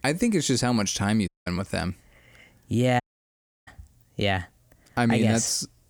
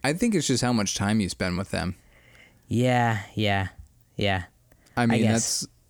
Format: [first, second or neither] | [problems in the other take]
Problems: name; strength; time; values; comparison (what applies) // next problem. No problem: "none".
second | audio cutting out; at 1.5 s and at 3 s for 0.5 s